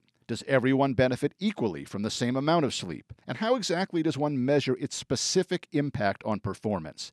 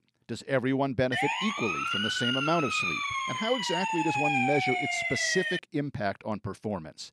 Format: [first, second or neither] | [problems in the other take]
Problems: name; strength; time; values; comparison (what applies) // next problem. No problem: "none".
first | siren; loud; from 1 to 5.5 s; peak 5 dB above the speech